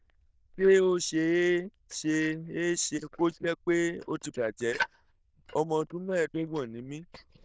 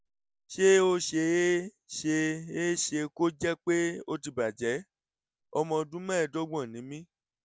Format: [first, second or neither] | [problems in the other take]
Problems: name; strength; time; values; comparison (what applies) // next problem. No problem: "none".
second | noise reduction (neural diffusion model UNIVERSE++)